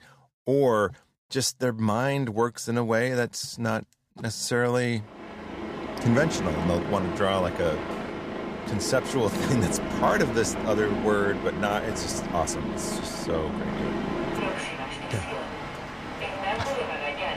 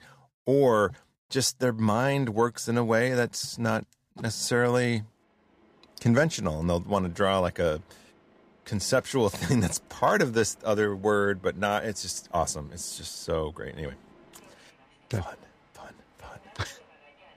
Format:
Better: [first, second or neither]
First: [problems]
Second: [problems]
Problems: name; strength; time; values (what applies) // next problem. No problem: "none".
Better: second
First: train or aircraft noise; loud; from 5.5 s on; 4 dB below the speech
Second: train or aircraft noise; faint; from 5.5 s on; 30 dB below the speech